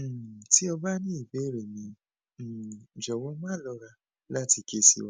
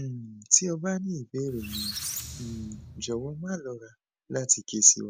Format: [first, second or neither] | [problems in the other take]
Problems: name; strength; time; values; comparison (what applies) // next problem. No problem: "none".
first | background sound (Squeak); 10 dB below the speech